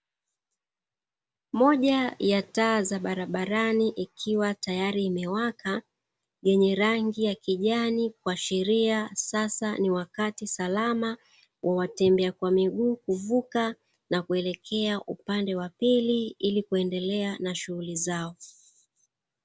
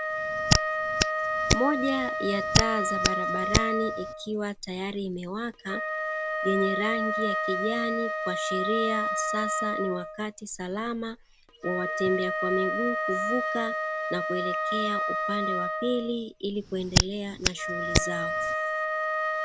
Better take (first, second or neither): first